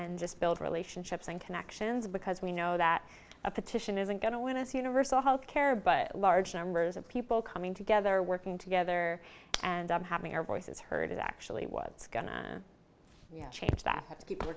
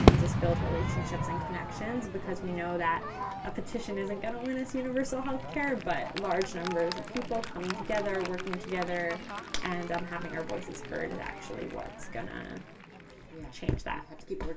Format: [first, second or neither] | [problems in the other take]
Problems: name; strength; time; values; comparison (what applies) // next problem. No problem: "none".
first | background sound (Crowd / Fireworks); as loud as the speech // room echo; dies away in 0.2 s